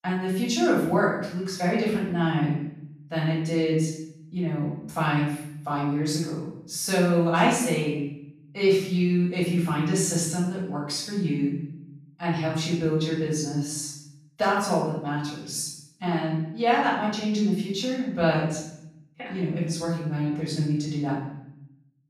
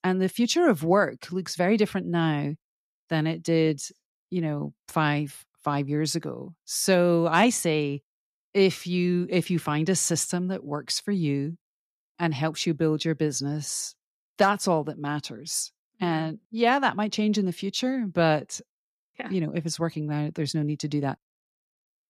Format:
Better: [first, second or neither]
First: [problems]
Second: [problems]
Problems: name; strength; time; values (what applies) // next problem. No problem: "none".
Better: second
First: off-mic speech; far // room echo; noticeable; dies away in 0.7 s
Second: none